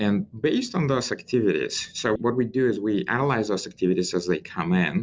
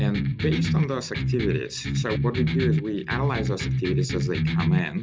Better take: first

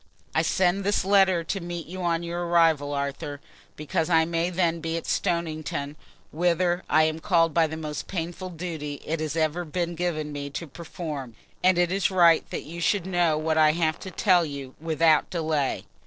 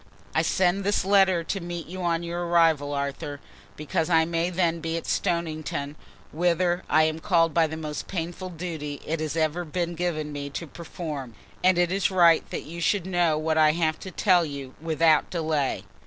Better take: second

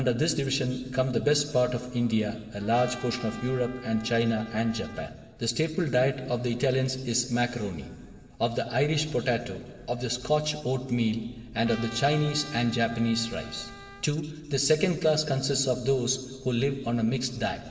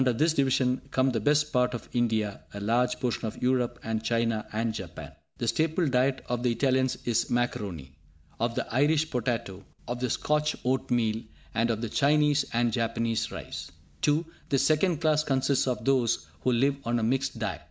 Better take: second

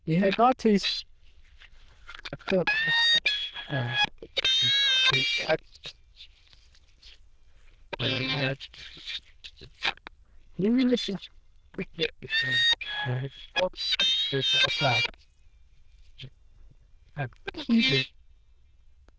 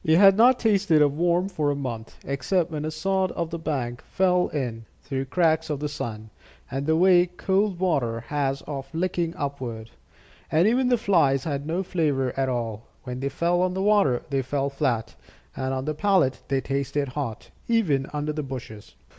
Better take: second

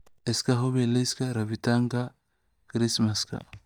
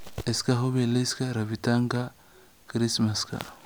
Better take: second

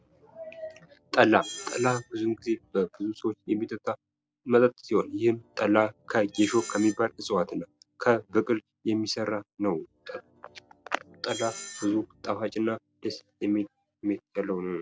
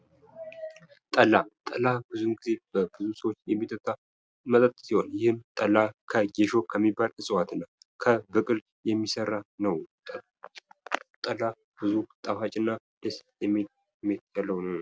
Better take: second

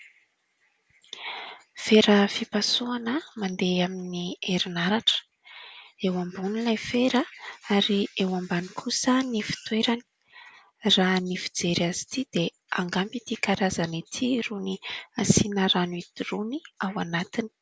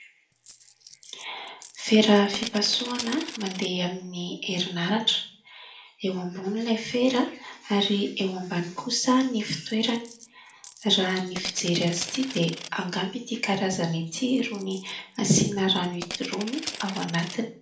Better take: first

